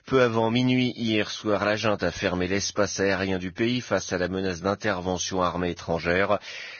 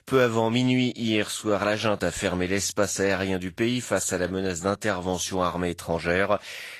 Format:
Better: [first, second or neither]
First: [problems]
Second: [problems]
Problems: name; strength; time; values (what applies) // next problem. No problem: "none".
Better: second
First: garbled, watery; badly; nothing above 6.5 kHz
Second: garbled, watery; slightly; nothing above 12.5 kHz